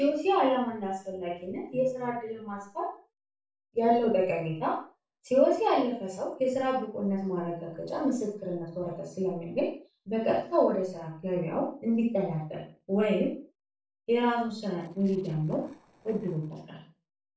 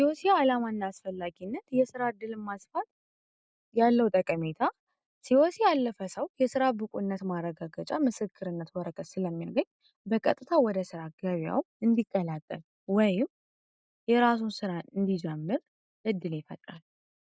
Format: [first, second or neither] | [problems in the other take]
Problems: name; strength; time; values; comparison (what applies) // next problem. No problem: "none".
second | noise reduction (neural separator model SepFormer DNS4)